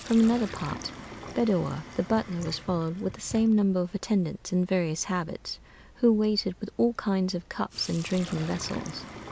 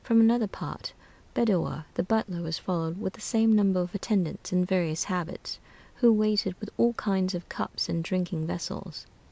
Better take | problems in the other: second | background sound (Sink (filling or washing)); 16 dB below the speech

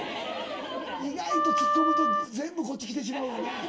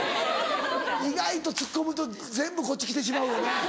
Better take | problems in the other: second | background sound (Wind instrument, woodwind instrument); 4 dB above the speech // room echo; dies away in 0.2 s

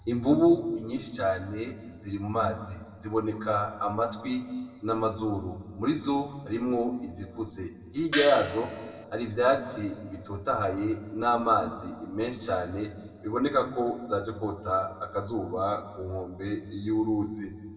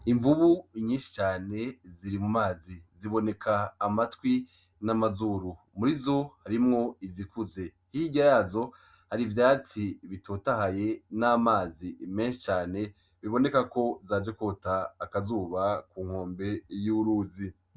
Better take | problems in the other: second | background sound (Gong); 5 dB below the speech // room echo; dies away in 1.6 s

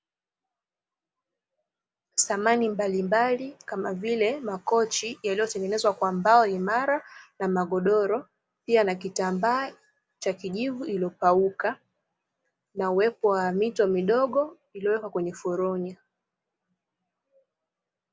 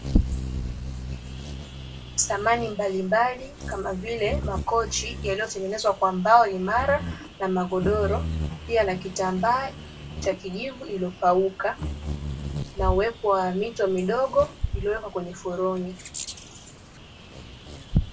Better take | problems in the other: first | background sound (Bird vocalization, bird call, bird song); 6 dB below the speech // room echo; dies away in 0.1 s

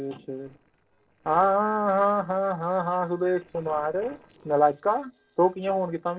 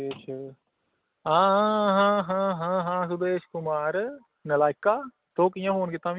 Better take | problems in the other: second | noise reduction (neural separator model SepFormer DNS4)

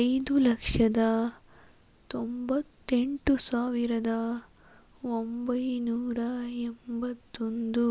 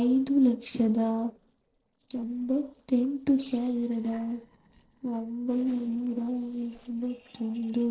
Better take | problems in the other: first | noise reduction (neural separator model SepFormer DNS4)

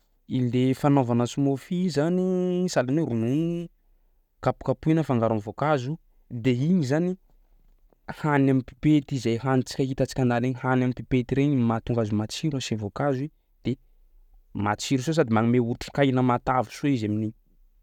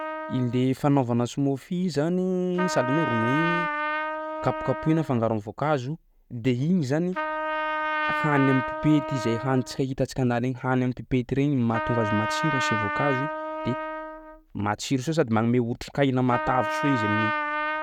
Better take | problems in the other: first | background sound (Trumpet); 5 dB below the speech

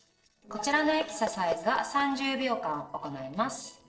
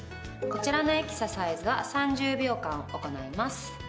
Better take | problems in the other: second | noise reduction (neural separator model SepFormer DNS4)

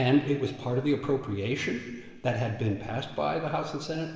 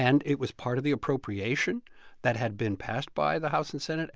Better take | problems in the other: second | room echo; dies away in 2.1 s

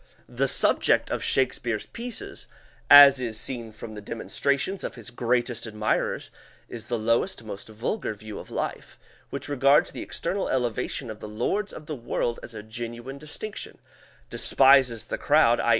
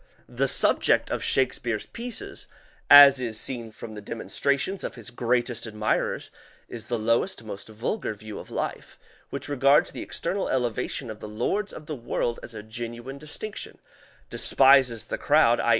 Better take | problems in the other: first | noise reduction (neural mask model Resemble Enhance denoiser)

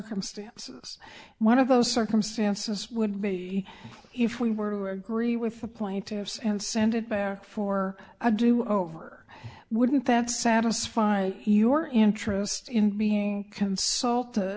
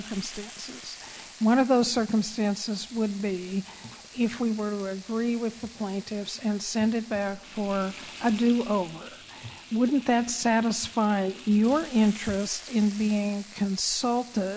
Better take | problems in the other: first | background sound (Frying (food)); 19 dB below the speech

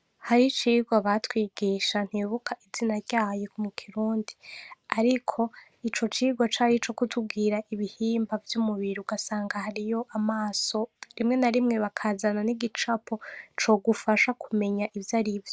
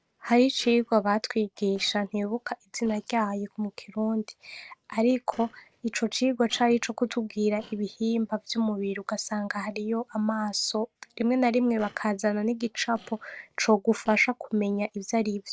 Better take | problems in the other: first | noise reduction (neural separator model SepFormer DNS4)

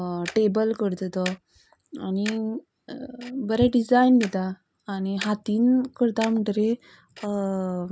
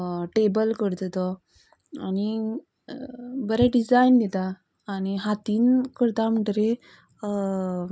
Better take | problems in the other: second | background sound (Tick-tock); 19 dB below the speech

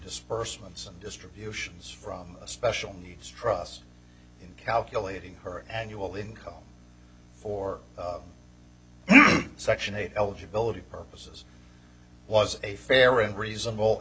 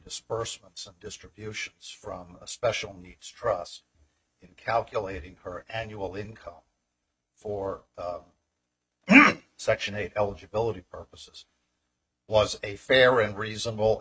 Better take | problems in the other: first | noise reduction (neural mask model RNNoise)

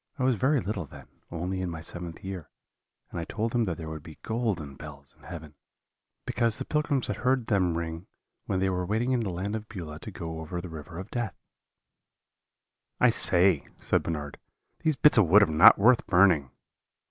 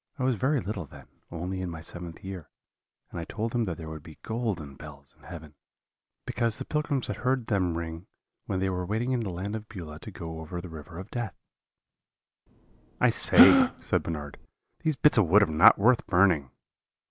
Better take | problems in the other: first | background sound (Gasp); 3 dB above the speech

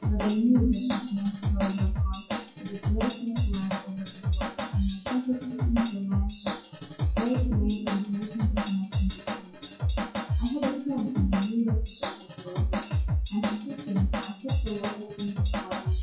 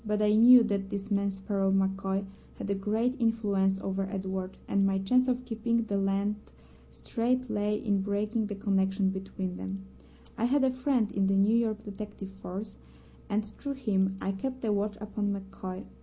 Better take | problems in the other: second | noise reduction (classical method WPE with log-MMSE)

